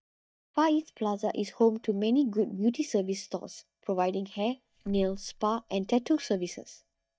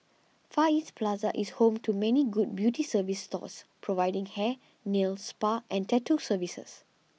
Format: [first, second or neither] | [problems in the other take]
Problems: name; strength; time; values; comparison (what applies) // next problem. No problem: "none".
second | noise reduction (neural mask model DeepFilterNet 3)